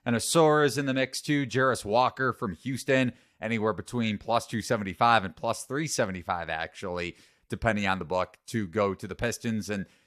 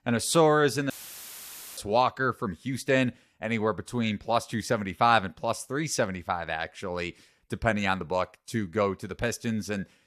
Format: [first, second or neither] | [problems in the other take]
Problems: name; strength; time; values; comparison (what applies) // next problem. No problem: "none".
first | audio cutting out; filled with static; at 1 s for 1 s